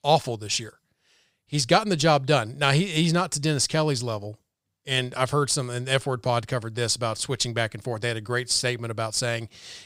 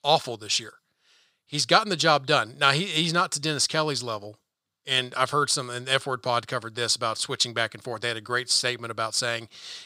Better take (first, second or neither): first